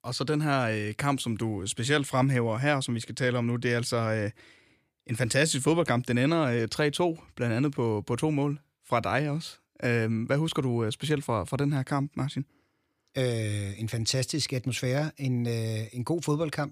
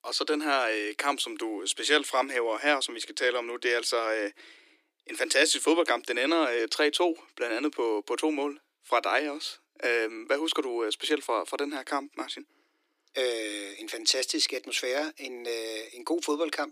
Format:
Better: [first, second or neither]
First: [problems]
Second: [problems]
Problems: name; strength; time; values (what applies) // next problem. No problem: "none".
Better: first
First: none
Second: thin; very; fading below 300 Hz